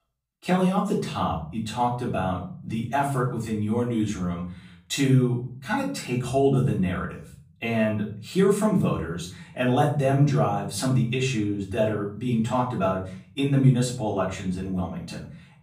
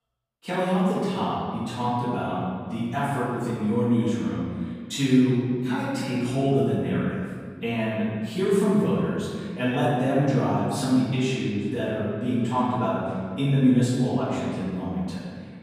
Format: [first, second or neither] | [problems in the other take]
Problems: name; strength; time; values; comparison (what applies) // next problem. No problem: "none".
first | room echo; strong; dies away in 2 s; slight in the first // off-mic speech; far; far in the first